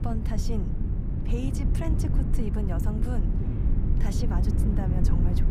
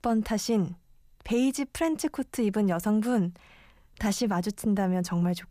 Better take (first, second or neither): second